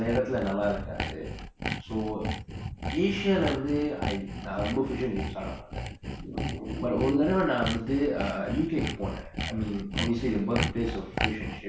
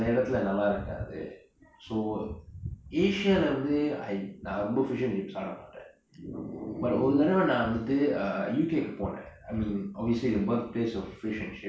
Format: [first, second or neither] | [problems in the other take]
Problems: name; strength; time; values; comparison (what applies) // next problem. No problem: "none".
second | background sound (Sawing); 5 dB below the speech